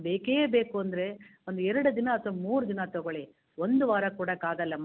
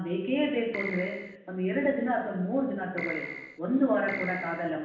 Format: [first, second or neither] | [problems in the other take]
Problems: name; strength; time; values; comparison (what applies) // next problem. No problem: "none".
first | background sound (Keyboard (musical)); 8 dB below the speech // room echo; dies away in 0.9 s